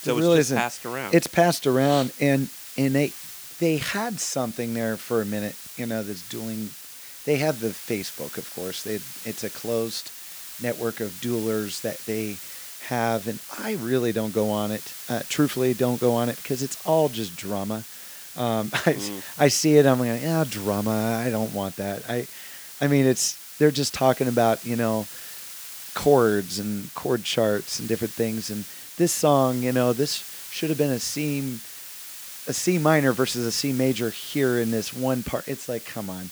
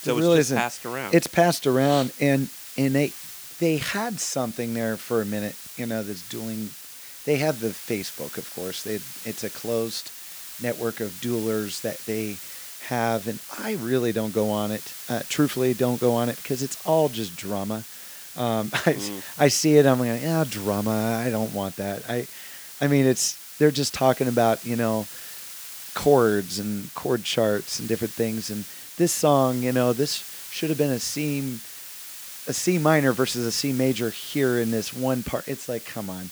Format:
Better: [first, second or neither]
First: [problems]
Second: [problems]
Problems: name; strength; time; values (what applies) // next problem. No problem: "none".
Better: neither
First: hiss; noticeable; throughout; 10 dB below the speech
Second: hiss; noticeable; throughout; 10 dB below the speech